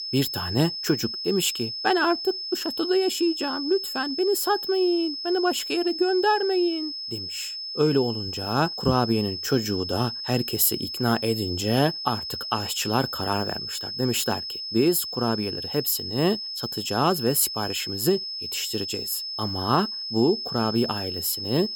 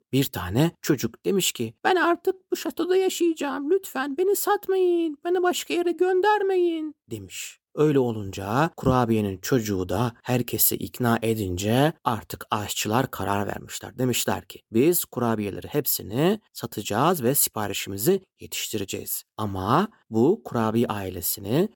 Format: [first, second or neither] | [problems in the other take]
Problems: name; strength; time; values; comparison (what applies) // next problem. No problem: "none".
second | high-pitched whine; loud; throughout; 5 kHz, 5 dB below the speech